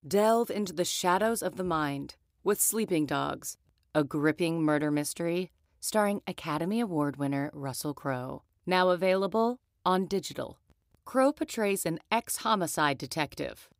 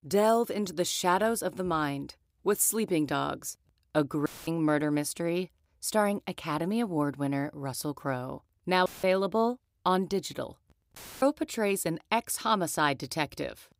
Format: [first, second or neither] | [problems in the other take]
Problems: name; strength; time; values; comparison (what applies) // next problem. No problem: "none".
first | audio cutting out; filled with static; at 4.5 s, at 9 s and at 11 s